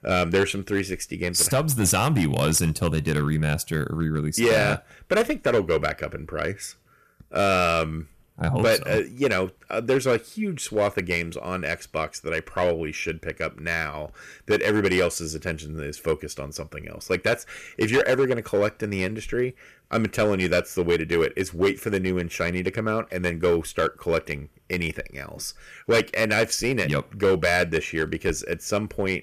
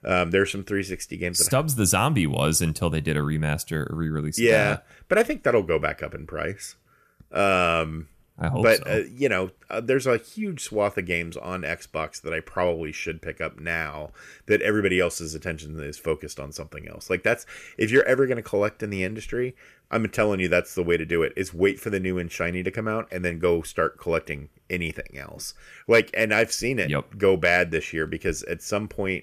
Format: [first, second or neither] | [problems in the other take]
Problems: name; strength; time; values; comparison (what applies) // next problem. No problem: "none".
second | distortion; slight; 4% of the sound clipped